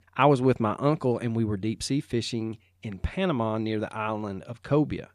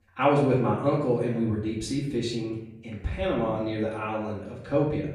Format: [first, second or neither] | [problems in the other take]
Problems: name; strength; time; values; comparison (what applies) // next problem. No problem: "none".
first | off-mic speech; far // room echo; noticeable; dies away in 0.7 s